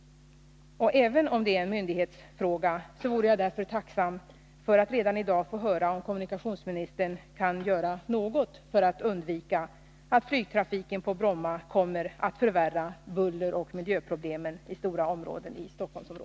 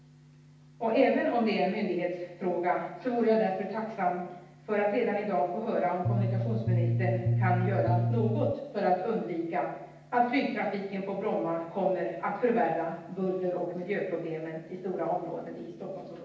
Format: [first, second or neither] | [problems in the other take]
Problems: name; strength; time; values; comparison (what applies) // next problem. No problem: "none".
first | background sound (Bass guitar); 2 dB above the speech // room echo; dies away in 0.9 s